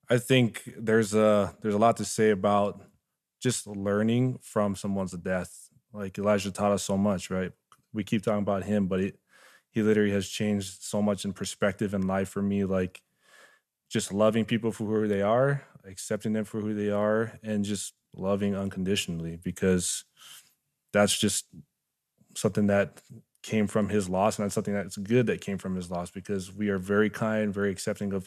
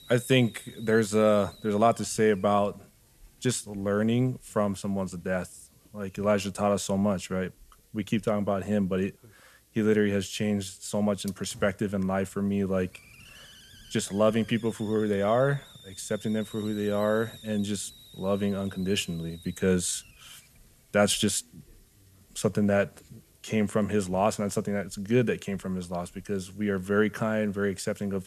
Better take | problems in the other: first | hiss; faint; throughout; 25 dB below the speech

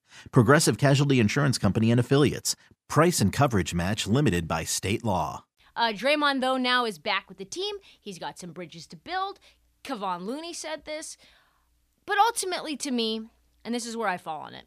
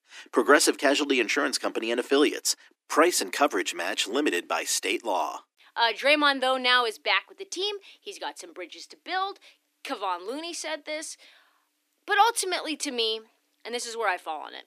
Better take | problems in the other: first | thin; somewhat; fading below 300 Hz

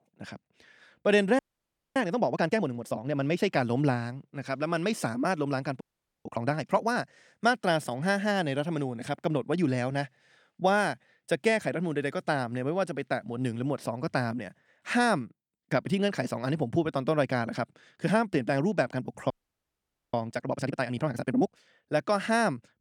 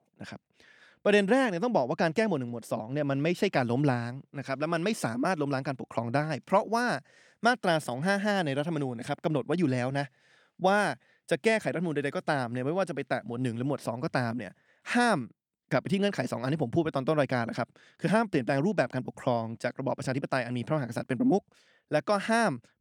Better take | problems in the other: second | audio freezing; at 1.5 s for 0.5 s, at 6 s and at 19 s for 1 s

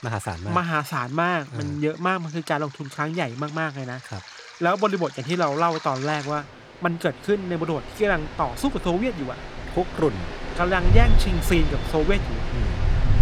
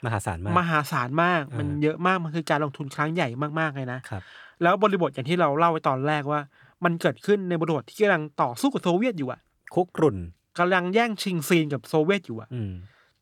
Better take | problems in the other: second | rain or running water; loud; throughout; 4 dB below the speech

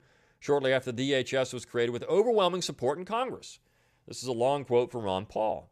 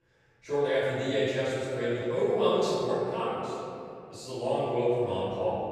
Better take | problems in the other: first | room echo; strong; dies away in 2.5 s // off-mic speech; far

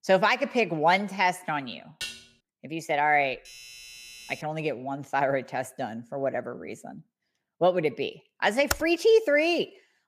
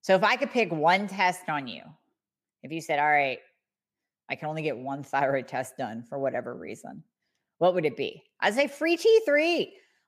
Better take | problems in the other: second | clattering dishes; faint; at 2 s; peak 10 dB below the speech // doorbell; faint; from 3.5 to 4.5 s; peak 15 dB below the speech // keyboard typing; very faint; at 8.5 s; peak 6 dB below the speech

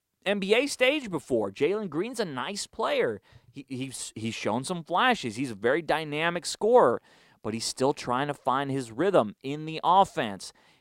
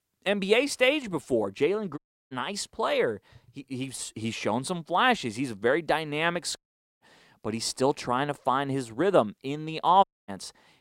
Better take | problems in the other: first | audio cutting out; at 2 s, at 6.5 s and at 10 s

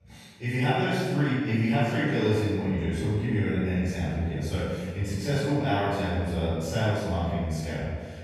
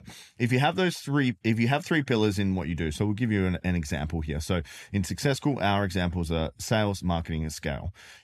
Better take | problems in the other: second | off-mic speech; far // room echo; strong; dies away in 1.5 s

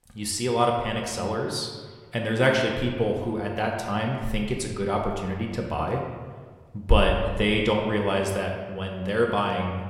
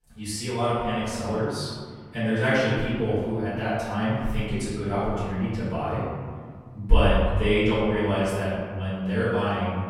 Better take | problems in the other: first | room echo; strong; dies away in 1.9 s; slight in the first // off-mic speech; far

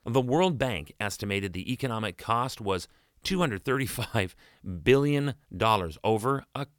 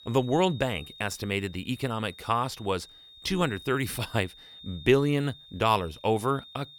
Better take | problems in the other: first | high-pitched whine; noticeable; throughout; 3.5 kHz, 20 dB below the speech

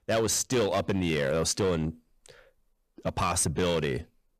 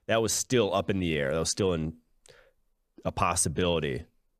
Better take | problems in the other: second | distortion; slight; 9% of the sound clipped

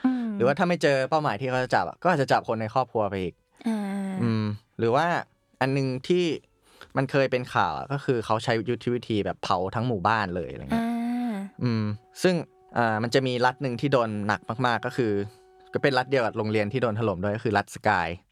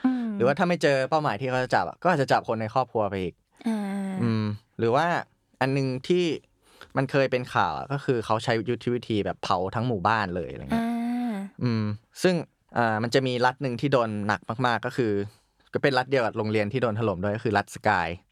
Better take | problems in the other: second | background music; faint; throughout; 30 dB below the speech

